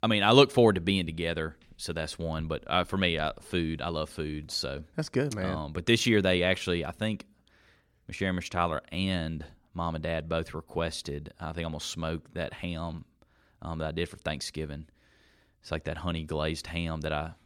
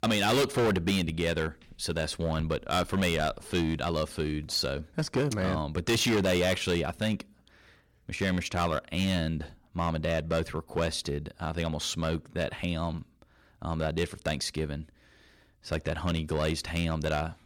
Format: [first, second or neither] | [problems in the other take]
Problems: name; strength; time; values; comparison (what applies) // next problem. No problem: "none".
first | distortion; heavy; 8% of the sound clipped